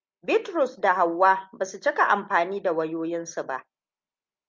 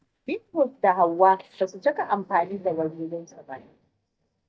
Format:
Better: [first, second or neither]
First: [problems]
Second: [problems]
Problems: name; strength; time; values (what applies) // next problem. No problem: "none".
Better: first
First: none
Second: noise reduction (neural mask model DeepFilterNet 3)